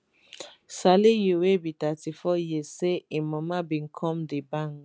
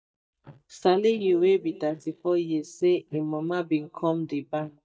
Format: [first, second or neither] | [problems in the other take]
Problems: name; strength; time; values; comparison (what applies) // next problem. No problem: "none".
first | noise reduction (neural mask model DeepFilterNet 3)